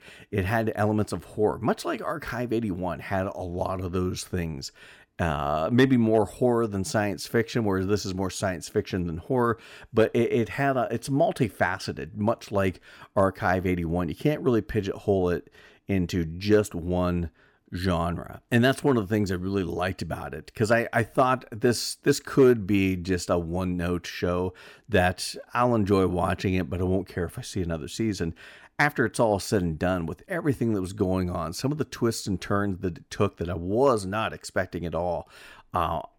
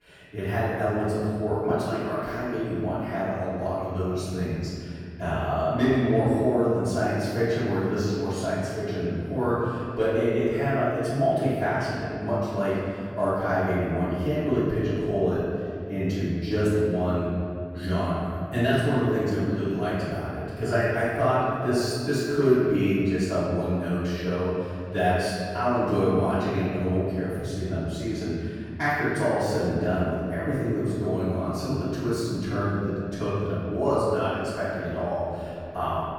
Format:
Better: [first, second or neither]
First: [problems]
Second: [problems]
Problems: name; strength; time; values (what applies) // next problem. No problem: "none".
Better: first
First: none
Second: off-mic speech; far // room echo; strong; dies away in 2.3 s